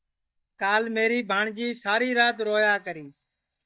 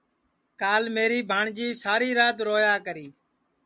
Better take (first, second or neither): second